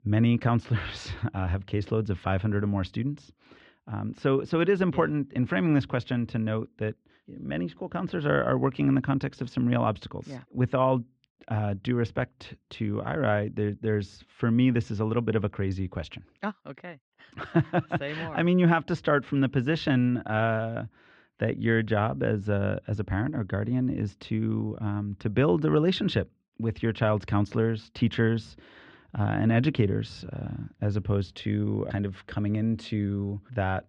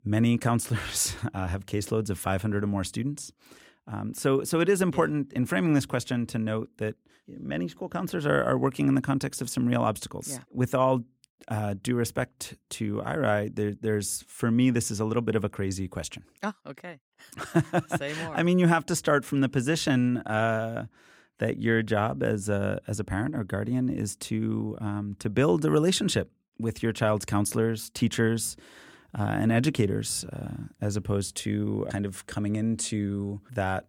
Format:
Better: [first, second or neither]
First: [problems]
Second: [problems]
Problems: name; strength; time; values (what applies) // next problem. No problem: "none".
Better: second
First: muffled; slightly; fading above 4 kHz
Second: none